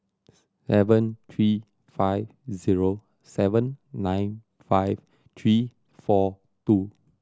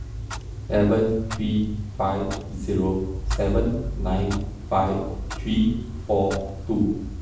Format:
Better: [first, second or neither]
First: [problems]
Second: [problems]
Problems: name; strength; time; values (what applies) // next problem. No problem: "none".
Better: first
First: none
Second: background sound (Clock); 6 dB below the speech // room echo; dies away in 0.7 s